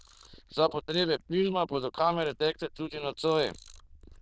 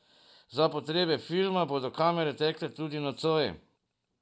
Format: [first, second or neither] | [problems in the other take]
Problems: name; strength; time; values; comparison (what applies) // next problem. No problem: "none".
second | noise reduction (neural diffusion model UNIVERSE++)